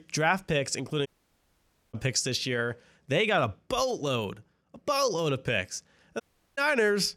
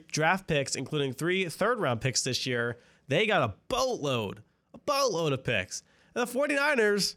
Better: second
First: audio cutting out; at 1 s for 1 s and at 6 s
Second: none

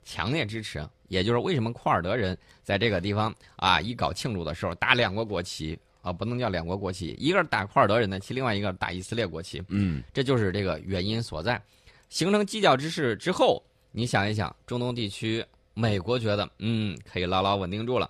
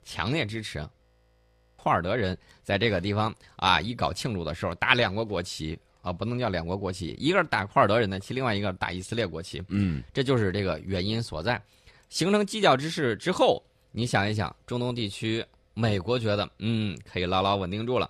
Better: first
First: none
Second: audio freezing; at 1 s for 1 s

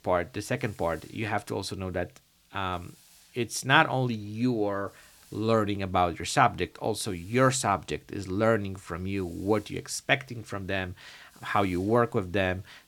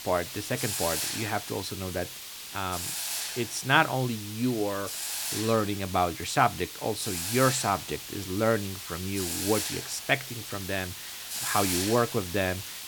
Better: first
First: hiss; faint; throughout; 30 dB below the speech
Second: hiss; loud; throughout; 4 dB below the speech

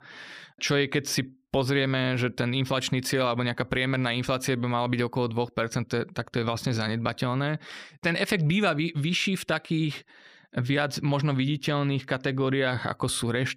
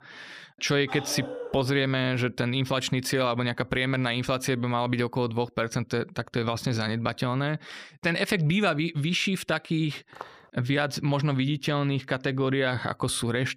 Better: first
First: none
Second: dog barking; noticeable; at 1 s; peak 9 dB below the speech // footsteps; faint; at 10 s; peak 20 dB below the speech

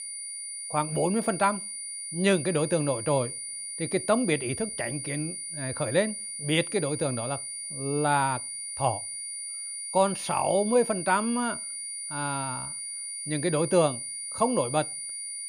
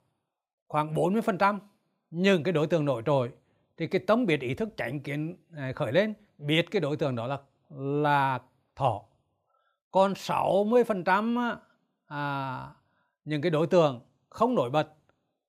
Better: second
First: high-pitched whine; loud; throughout; 9.5 kHz, 6 dB below the speech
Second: none

